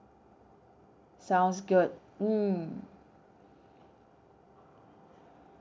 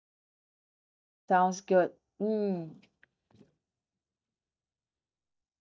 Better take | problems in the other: first | noise reduction (neural mask model DeepFilterNet 3)

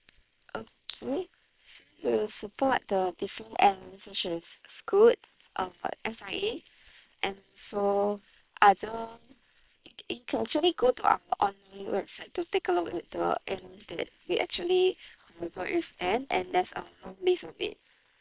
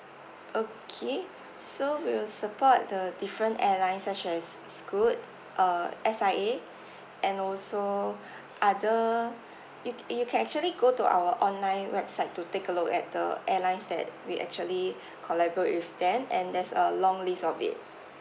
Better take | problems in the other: second | noise reduction (neural separator model SepFormer WHAM!)

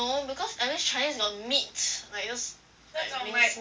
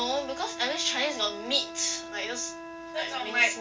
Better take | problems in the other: first | background sound (Wind instrument, woodwind instrument); 10 dB below the speech

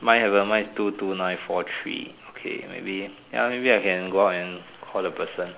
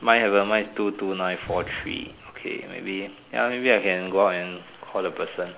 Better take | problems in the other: first | background sound (Boom); 19 dB below the speech

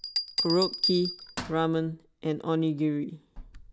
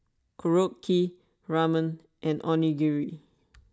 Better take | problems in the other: second | background sound (Bell); 6 dB below the speech

